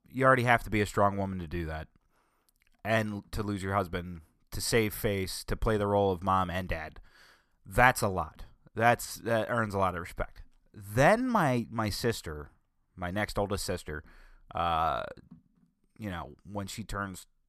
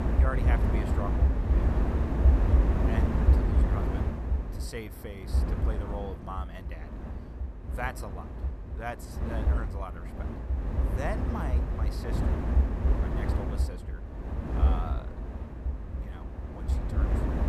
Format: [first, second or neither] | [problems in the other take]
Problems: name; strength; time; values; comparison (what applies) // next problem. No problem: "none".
first | wind noise on the microphone; heavy; 1 dB above the speech